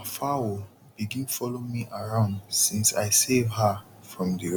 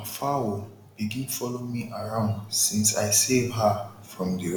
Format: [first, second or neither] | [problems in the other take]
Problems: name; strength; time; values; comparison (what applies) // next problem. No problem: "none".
first | room echo; dies away in 0.6 s